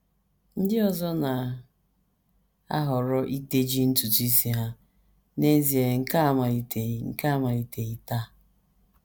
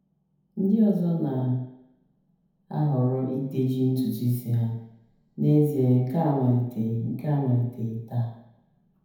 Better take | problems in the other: first | room echo; dies away in 0.9 s

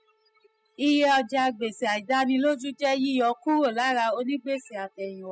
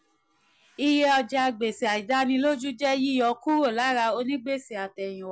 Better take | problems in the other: second | noise reduction (classical method spectral subtraction)

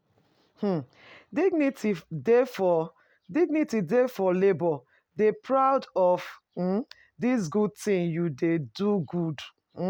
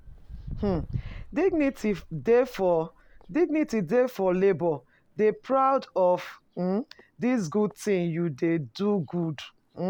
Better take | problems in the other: first | background sound (Walk, footsteps); 17 dB below the speech

